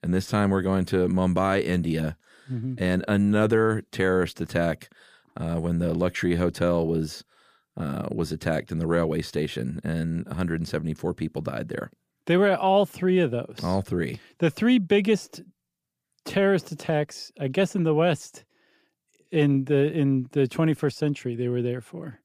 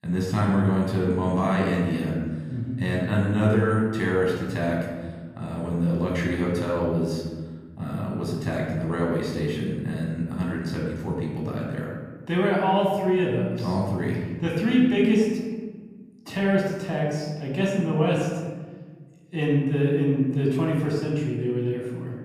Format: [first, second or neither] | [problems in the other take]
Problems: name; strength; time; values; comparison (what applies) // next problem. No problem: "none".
first | off-mic speech; far // room echo; noticeable; dies away in 1.4 s